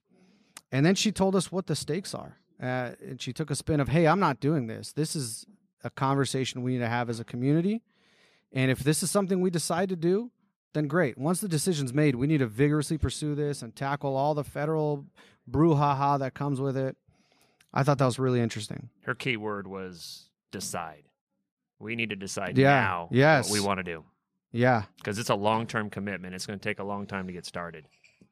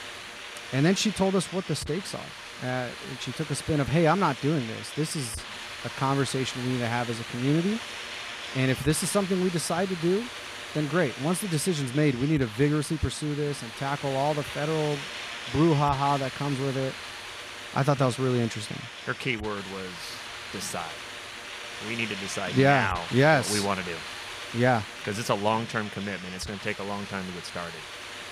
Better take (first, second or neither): first